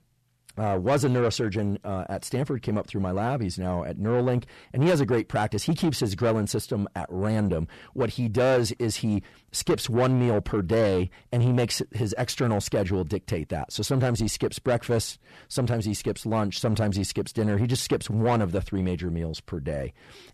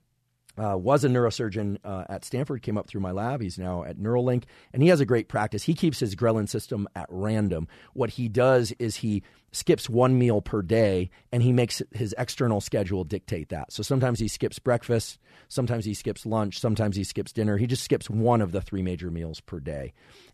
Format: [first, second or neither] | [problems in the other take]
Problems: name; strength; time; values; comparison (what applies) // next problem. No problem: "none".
second | distortion; slight; 10 dB below the speech